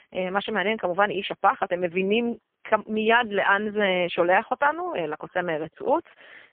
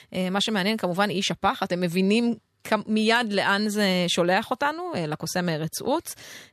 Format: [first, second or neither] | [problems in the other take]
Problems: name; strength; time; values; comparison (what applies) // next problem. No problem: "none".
second | phone-call audio; poor line; nothing above 3 kHz